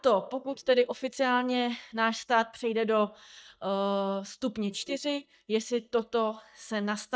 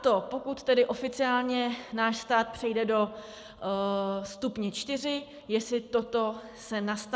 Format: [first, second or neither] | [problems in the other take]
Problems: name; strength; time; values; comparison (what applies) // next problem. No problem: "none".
second | noise reduction (neural mask model DeepFilterNet 3)